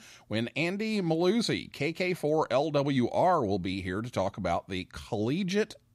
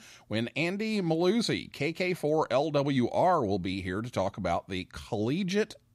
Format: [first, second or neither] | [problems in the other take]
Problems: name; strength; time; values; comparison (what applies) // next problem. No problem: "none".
neither | none